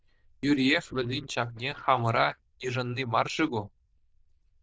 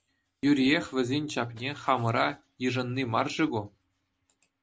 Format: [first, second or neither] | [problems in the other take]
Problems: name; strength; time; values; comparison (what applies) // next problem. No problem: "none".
second | noise reduction (neural diffusion model UNIVERSE++)